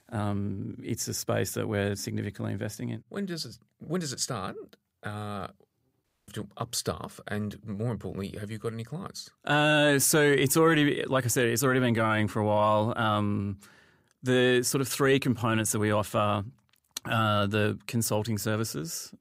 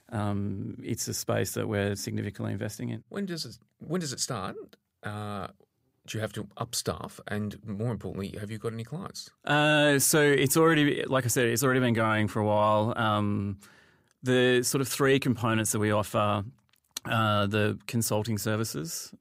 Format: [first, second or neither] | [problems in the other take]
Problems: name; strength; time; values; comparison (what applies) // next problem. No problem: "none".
second | audio cutting out; at 6 s